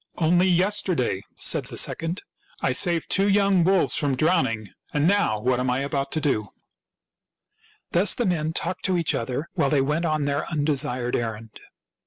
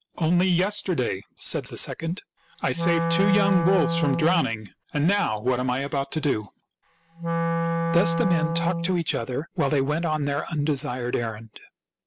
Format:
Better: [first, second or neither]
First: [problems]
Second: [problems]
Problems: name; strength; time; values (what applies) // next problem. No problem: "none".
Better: first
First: none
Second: background sound (Wind instrument, woodwind instrument); 1 dB below the speech